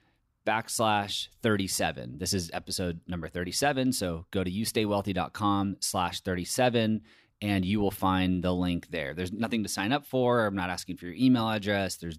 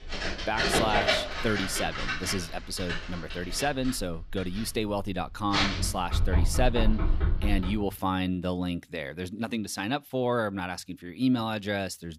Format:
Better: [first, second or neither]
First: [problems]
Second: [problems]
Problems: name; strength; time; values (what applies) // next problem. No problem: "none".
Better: first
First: none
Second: household noises; very loud; until 7.5 s; 1 dB above the speech